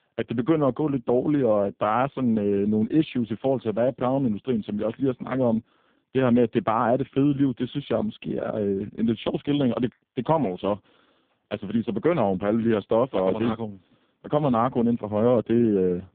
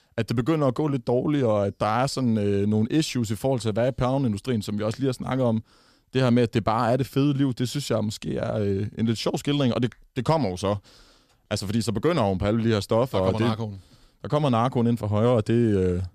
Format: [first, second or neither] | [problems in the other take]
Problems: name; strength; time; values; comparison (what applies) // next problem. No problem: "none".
second | phone-call audio; poor line